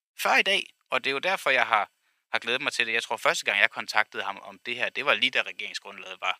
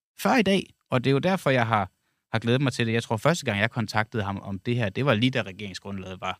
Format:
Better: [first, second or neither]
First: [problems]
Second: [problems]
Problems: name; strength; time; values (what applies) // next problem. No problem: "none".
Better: second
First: thin; very; fading below 650 Hz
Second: none